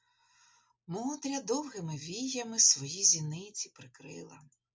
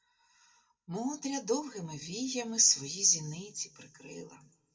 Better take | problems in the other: first | room echo; dies away in 1.2 s

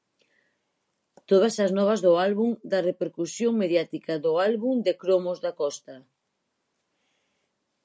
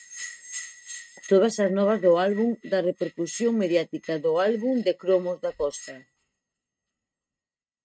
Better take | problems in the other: first | noise reduction (neural mask model RNNoise)

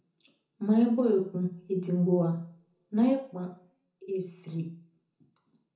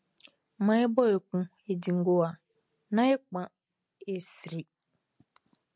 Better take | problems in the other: second | room echo; dies away in 0.6 s

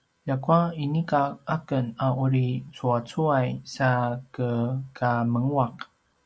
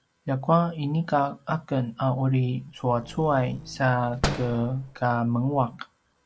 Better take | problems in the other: first | background sound (Slam); 10 dB below the speech

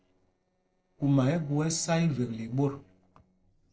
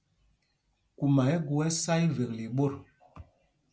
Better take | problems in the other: second | noise reduction (neural separator model SepFormer DNS4)

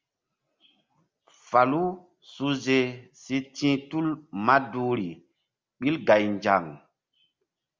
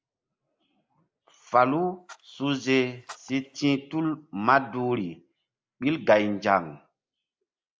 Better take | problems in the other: first | noise reduction (neural mask model Resemble Enhance denoiser)

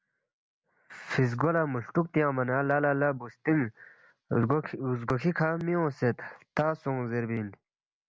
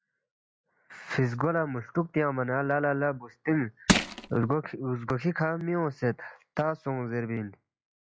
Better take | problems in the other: first | noise reduction (classical method log-MMSE)

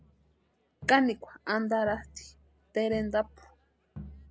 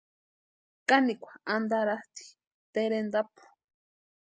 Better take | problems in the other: second | background sound (Crowd); 18 dB below the speech

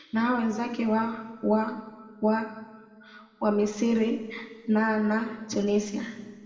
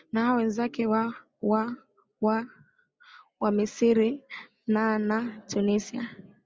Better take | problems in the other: second | room echo; dies away in 1.6 s

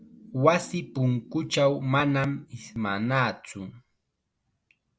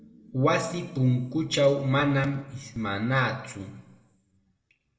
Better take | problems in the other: first | room echo; dies away in 0.9 s

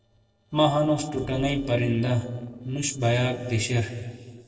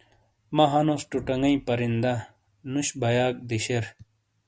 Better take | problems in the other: second | noise reduction (neural separator model SepFormer DNS4)

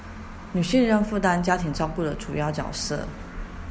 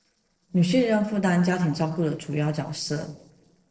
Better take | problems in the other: first | noise reduction (neural separator model SepFormer DNS4)

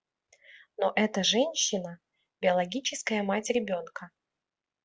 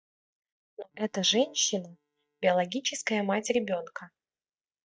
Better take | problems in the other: first | noise reduction (neural mask model DeepFilterNet 3)

